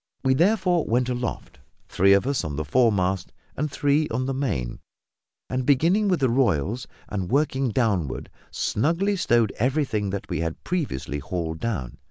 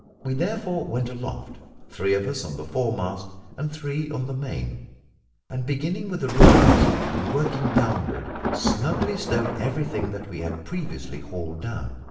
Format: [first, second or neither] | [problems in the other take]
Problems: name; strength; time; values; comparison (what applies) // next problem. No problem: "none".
first | background sound (Thunder); 2 dB above the speech // room echo; dies away in 0.9 s